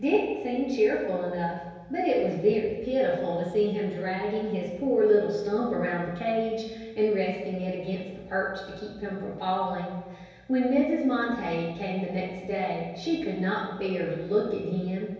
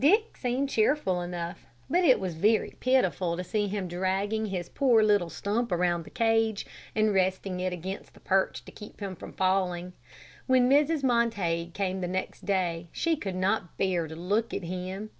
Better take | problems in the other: second | room echo; dies away in 1.2 s

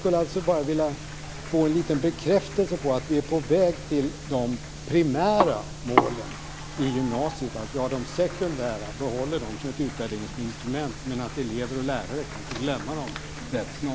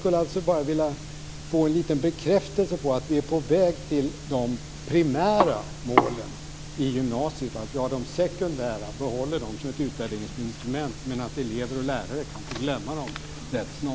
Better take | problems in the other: second | background sound (Applause / Crowd / Cheering); 18 dB below the speech

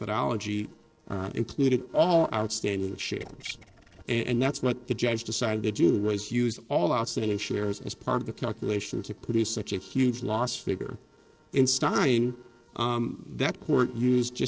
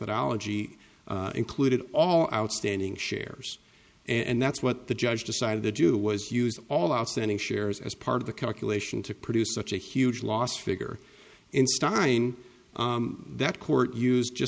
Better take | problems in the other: second | noise reduction (neural separator model SepFormer DNS4)

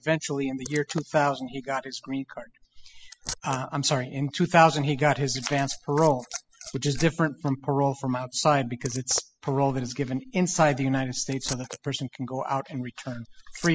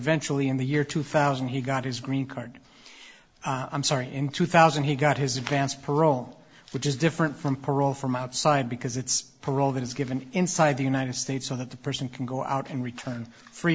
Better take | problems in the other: second | noise reduction (classical method spectral subtraction)

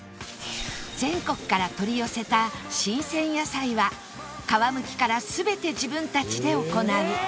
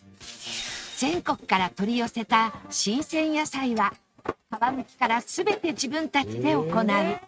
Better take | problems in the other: first | noise reduction (neural mask model RNNoise)

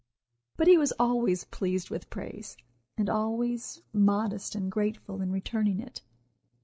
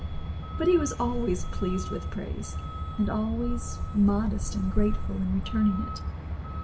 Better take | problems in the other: first | background sound (Truck); 2 dB below the speech // room echo; dies away in 0.7 s

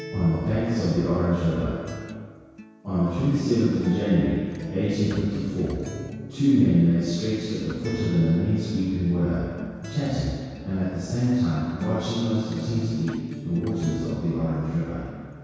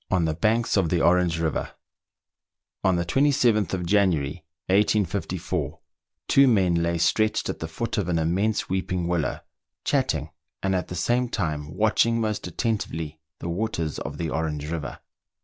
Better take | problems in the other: second | background sound (Acoustic guitar); 13 dB below the speech // room echo; dies away in 2 s

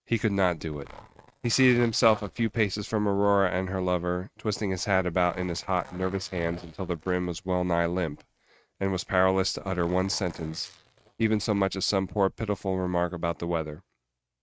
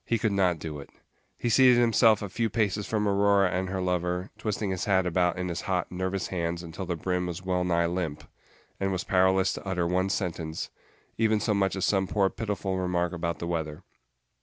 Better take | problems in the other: second | noise reduction (neural mask model RNNoise)

